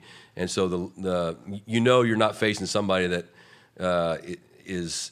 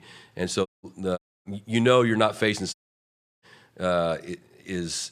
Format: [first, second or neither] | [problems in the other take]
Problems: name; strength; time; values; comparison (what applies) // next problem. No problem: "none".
first | audio cutting out; at 0.5 s, at 1 s and at 2.5 s for 0.5 s